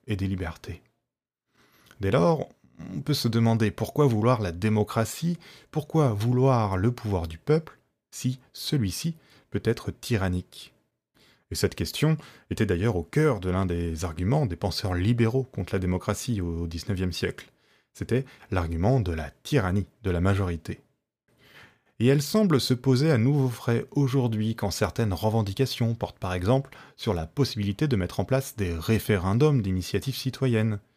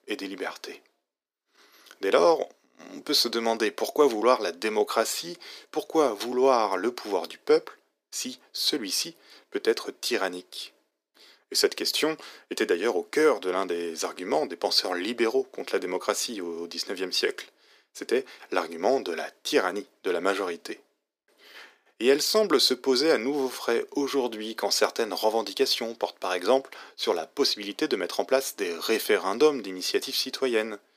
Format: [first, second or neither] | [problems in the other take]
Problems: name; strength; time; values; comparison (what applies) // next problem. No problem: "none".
first | thin; very; fading below 300 Hz